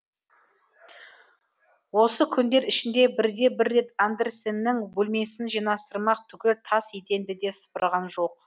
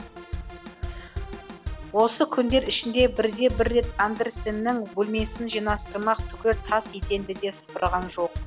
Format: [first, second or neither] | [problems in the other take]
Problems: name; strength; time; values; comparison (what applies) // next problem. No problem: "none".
first | background sound (Drum kit); 9 dB below the speech